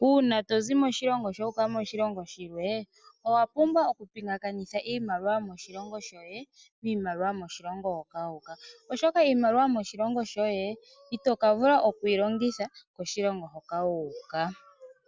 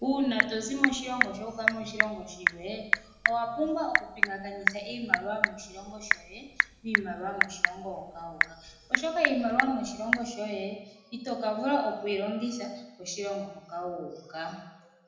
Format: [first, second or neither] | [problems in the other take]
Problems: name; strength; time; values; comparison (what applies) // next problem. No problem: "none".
first | background sound (Telephone / Typing); 1 dB above the speech // room echo; dies away in 0.8 s